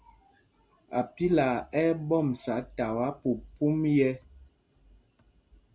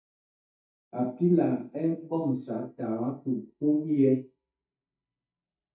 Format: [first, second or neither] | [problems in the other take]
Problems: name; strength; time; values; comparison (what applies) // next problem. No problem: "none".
first | noise reduction (neural mask model DeepFilterNet 3)